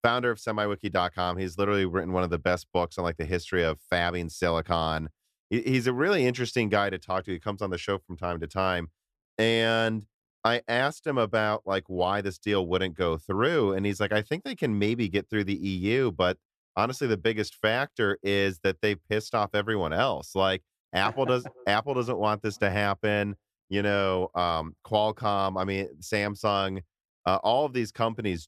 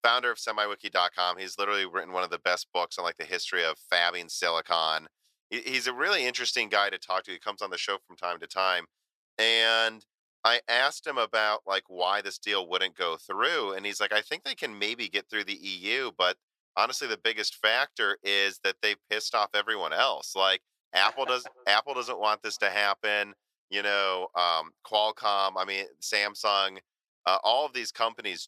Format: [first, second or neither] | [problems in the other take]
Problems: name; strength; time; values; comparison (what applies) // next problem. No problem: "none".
first | thin; very; fading below 750 Hz